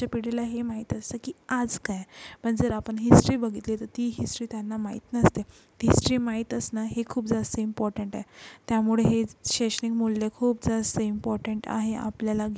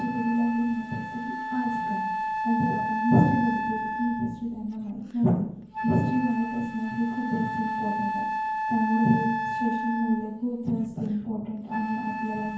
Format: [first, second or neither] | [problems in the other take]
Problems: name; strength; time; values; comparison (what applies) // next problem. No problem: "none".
first | background sound (Wind instrument, woodwind instrument); 4 dB below the speech // room echo; dies away in 0.9 s